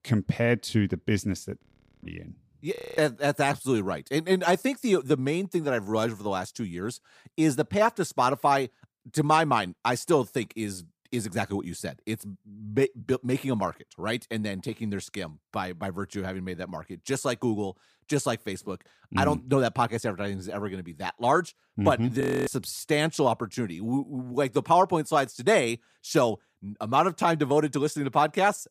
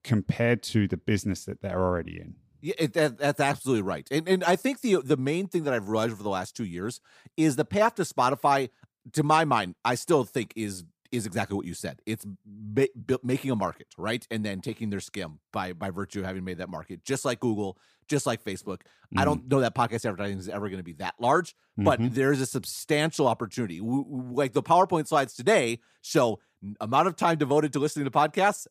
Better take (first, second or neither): second